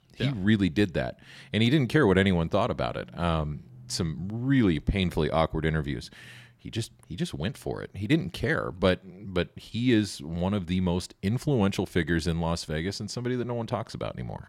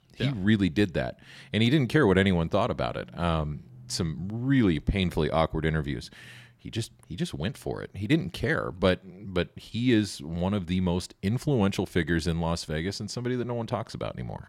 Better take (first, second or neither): neither